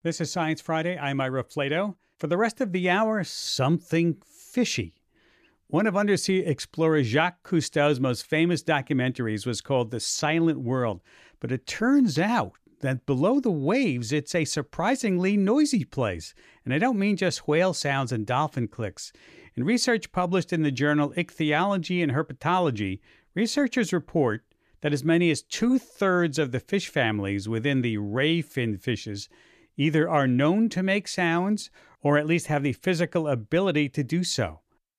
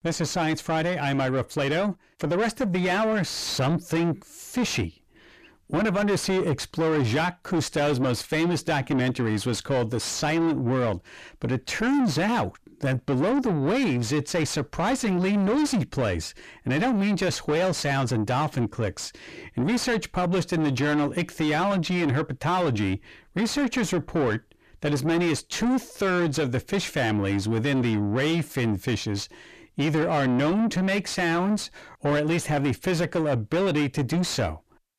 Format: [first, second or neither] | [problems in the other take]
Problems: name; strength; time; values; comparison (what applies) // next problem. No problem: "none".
first | distortion; heavy; 7 dB below the speech